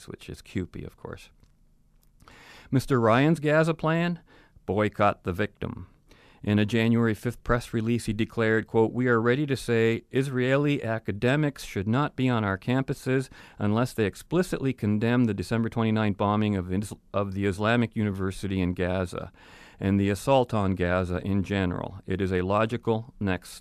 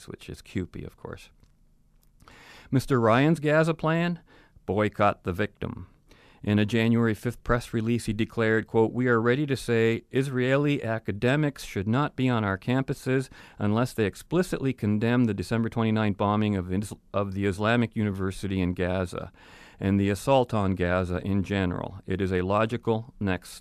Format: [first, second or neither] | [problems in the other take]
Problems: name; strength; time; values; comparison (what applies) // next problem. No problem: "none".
neither | none